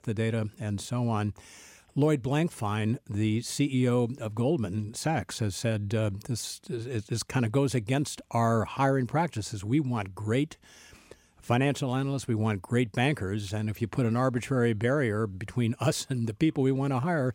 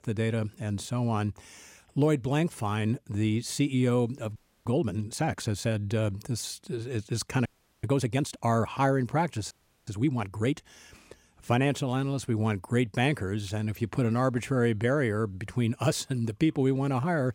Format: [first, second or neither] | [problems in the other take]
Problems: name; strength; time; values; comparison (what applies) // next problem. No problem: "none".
first | audio freezing; at 4.5 s, at 7.5 s and at 9.5 s